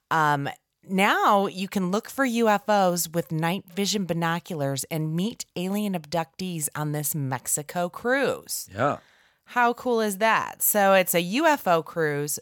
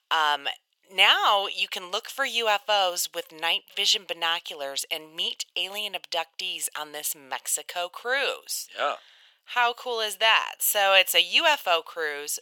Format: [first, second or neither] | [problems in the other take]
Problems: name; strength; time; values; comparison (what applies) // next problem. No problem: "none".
first | thin; very; fading below 500 Hz